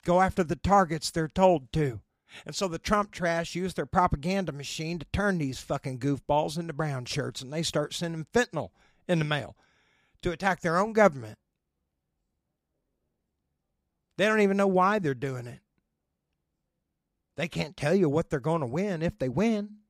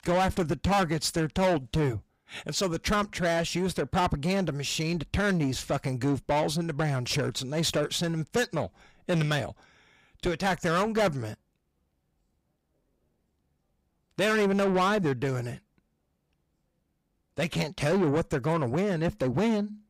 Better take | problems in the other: first | distortion; heavy; 7 dB below the speech

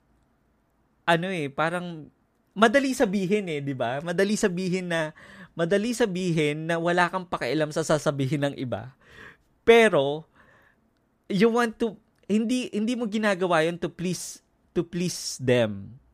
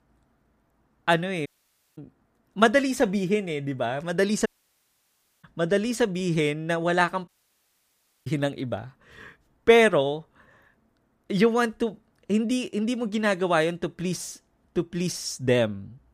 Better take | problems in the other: first | audio cutting out; at 1.5 s for 0.5 s, at 4.5 s for 1 s and at 7.5 s for 1 s

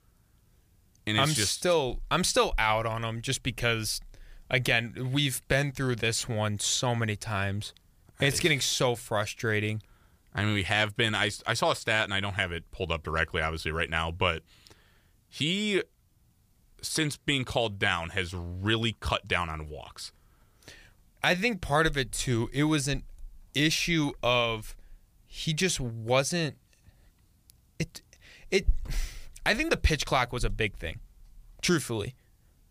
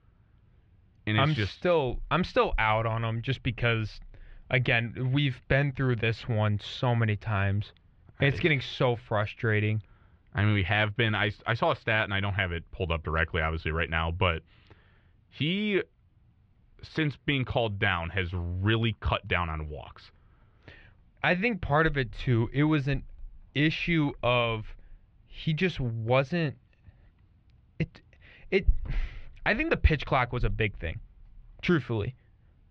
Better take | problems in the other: first | muffled; very; fading above 3 kHz

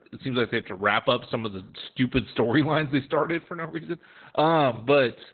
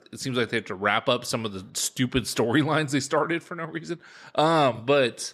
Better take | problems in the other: second | garbled, watery; badly; nothing above 4 kHz

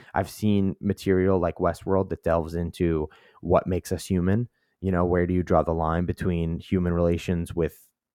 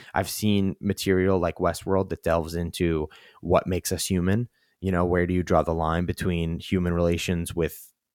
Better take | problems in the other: second | muffled; slightly; fading above 2 kHz

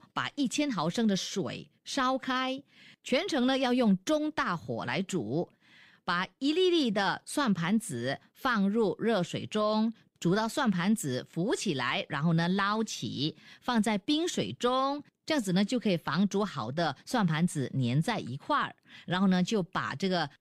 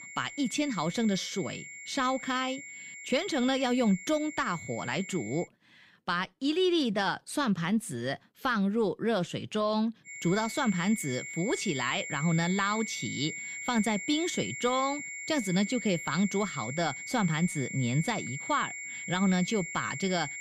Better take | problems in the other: first | high-pitched whine; loud; until 5.5 s and from 10 s on; 2 kHz, 8 dB below the speech

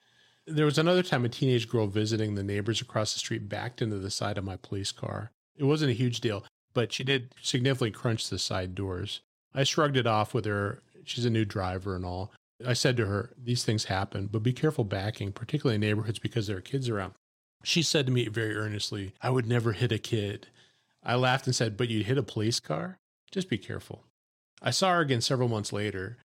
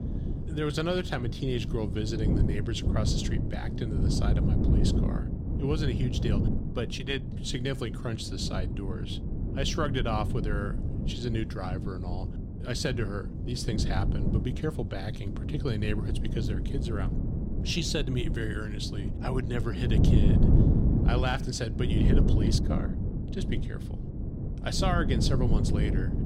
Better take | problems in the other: first | wind noise on the microphone; heavy; 4 dB below the speech

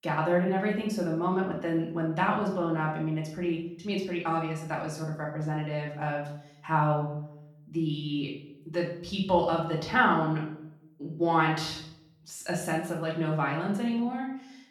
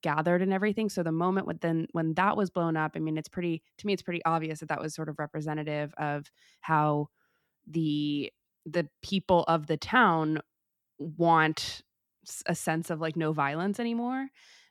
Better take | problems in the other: second | room echo; noticeable; dies away in 0.6 s // off-mic speech; far

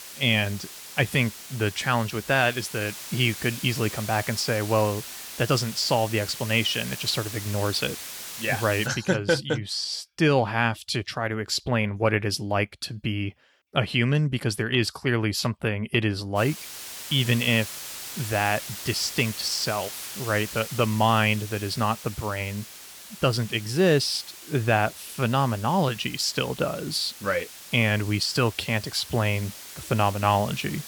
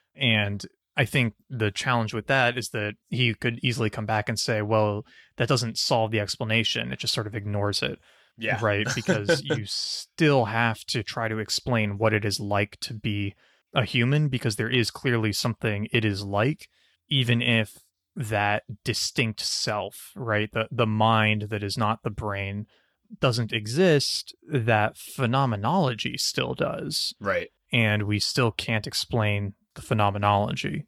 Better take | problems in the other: second | hiss; noticeable; until 9 s and from 16 s on; 10 dB below the speech

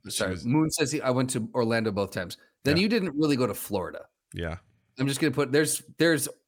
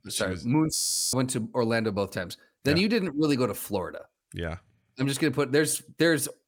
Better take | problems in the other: first | audio freezing; at 1 s

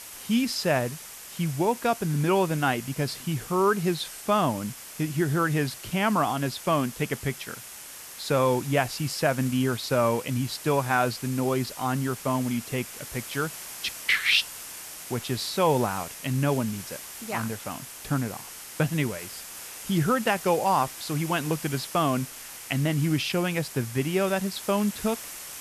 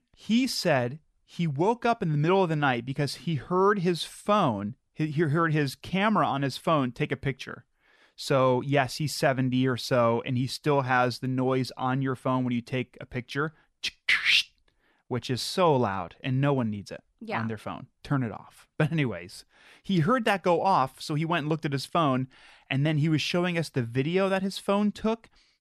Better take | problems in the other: second | hiss; noticeable; throughout; 10 dB below the speech

